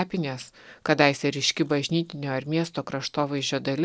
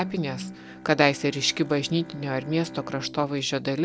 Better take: first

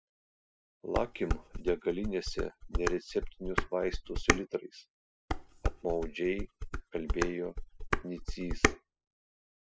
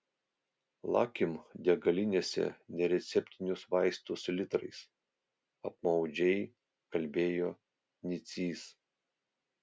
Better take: second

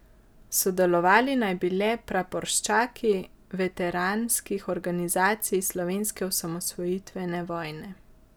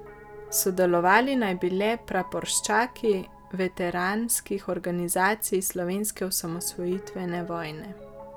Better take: first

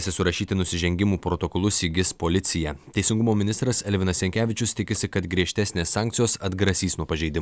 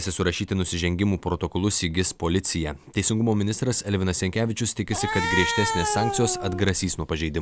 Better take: first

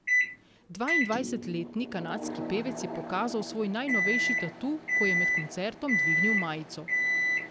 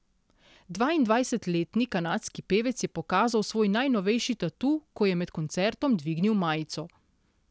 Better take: second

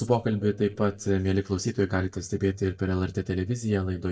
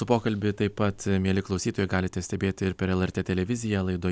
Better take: second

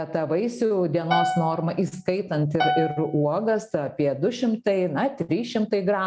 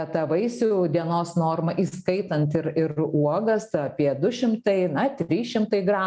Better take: second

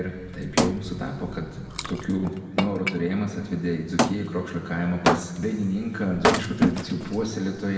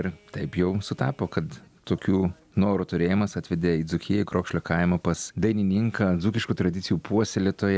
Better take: second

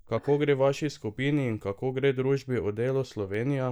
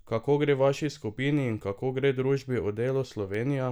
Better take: second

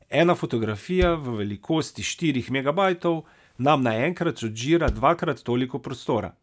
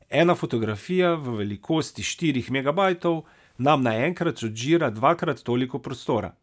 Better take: second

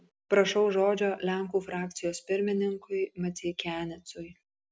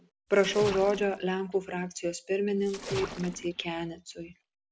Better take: first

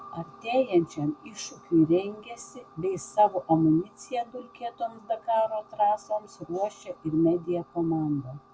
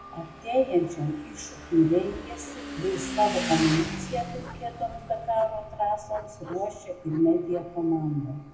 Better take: first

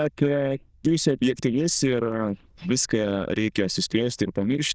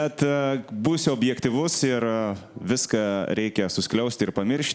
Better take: second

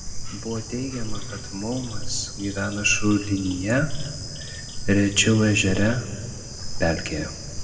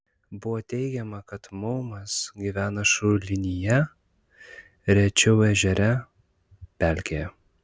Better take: second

